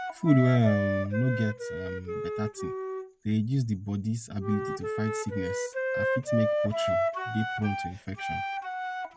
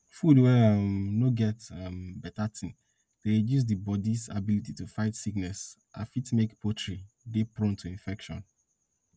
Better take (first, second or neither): second